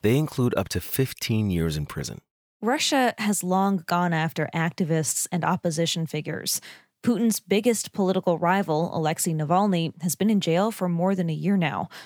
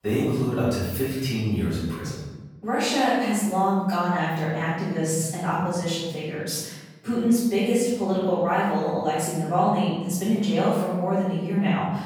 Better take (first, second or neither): first